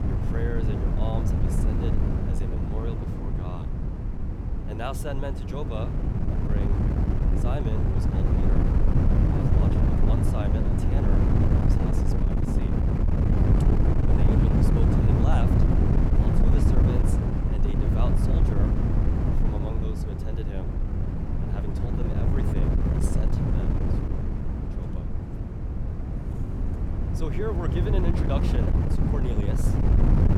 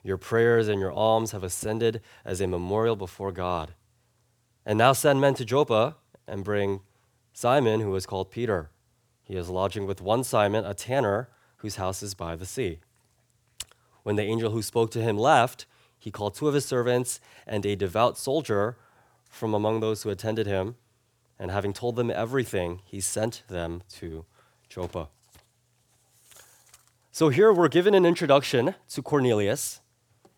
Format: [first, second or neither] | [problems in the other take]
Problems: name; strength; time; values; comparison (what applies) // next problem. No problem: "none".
second | wind noise on the microphone; heavy; 4 dB above the speech